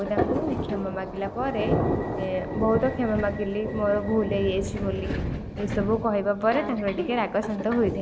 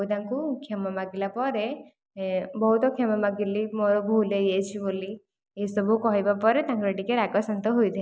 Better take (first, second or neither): second